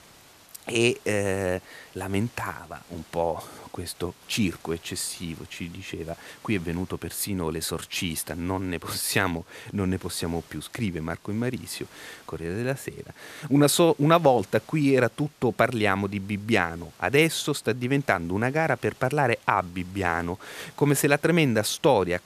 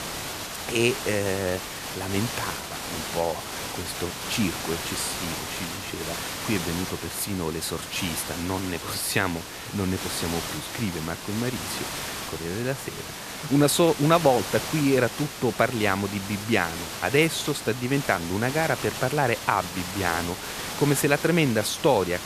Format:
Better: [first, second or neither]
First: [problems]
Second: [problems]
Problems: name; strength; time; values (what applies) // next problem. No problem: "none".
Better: first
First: hiss; faint; throughout; 25 dB below the speech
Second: hiss; loud; throughout; 6 dB below the speech